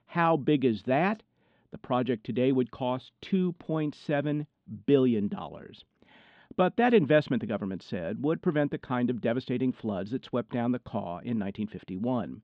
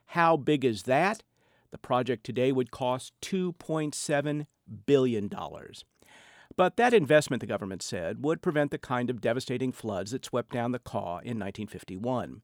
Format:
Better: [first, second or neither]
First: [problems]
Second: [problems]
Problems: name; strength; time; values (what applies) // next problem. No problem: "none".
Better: second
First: muffled; slightly; fading above 3.5 kHz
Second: none